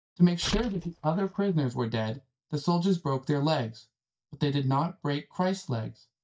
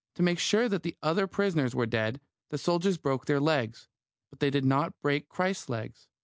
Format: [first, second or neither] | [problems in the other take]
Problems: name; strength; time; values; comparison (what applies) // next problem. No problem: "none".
second | noise reduction (neural mask model DeepFilterNet 3)